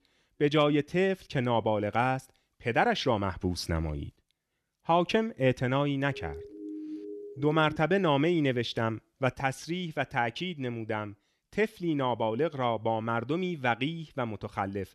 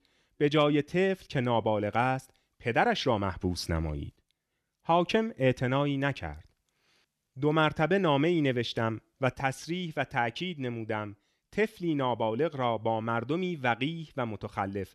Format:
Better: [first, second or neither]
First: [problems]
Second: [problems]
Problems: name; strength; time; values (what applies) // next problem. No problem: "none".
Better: second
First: siren; faint; from 6 to 8 s; peak 10 dB below the speech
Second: none